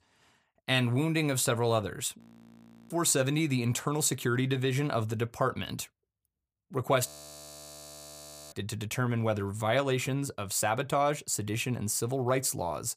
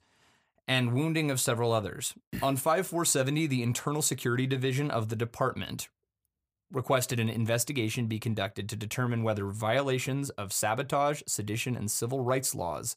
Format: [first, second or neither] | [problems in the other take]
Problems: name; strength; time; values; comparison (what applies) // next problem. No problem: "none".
second | audio freezing; at 2 s for 0.5 s and at 7 s for 1.5 s